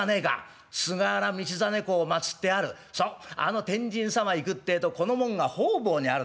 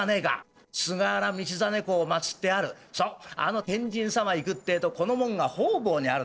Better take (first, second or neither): first